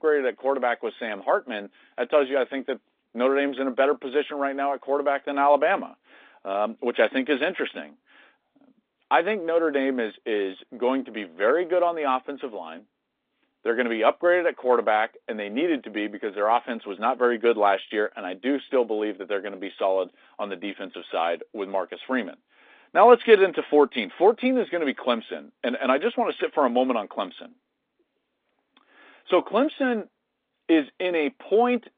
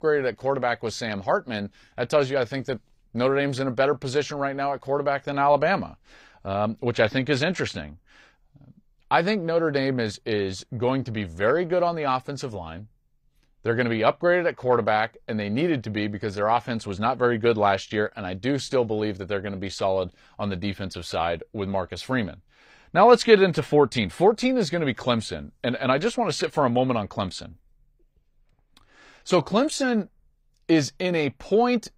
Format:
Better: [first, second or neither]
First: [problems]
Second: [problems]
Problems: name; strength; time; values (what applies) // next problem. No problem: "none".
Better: second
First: phone-call audio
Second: none